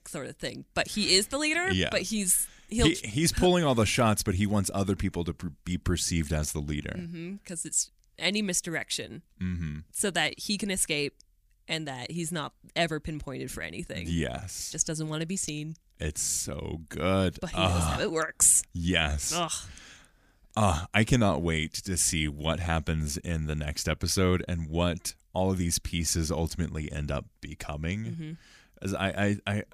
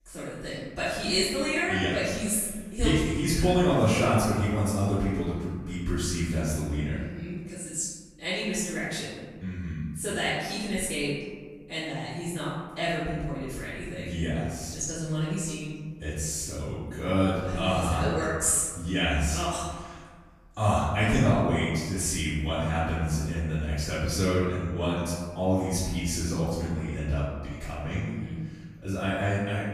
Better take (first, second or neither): first